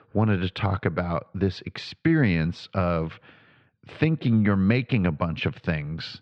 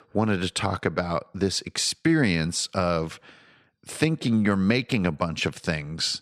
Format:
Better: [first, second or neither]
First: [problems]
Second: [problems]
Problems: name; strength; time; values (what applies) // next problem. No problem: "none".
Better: second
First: muffled; slightly; fading above 3.5 kHz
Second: none